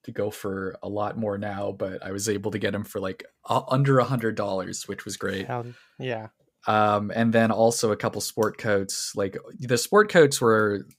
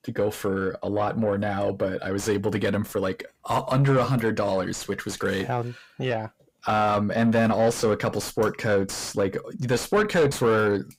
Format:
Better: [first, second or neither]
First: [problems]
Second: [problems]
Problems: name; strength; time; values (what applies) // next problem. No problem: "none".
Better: first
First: none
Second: distortion; heavy; 7 dB below the speech